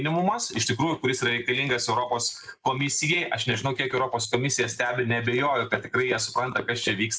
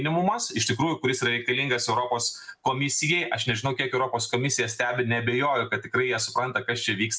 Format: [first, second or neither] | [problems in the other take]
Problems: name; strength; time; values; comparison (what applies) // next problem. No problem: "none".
second | noise reduction (neural mask model Resemble Enhance denoiser)